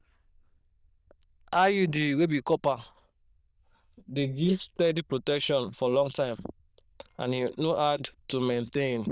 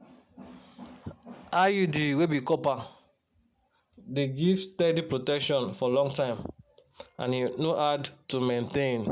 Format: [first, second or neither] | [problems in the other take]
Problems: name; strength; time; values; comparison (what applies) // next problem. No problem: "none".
second | noise reduction (neural diffusion model UNIVERSE++)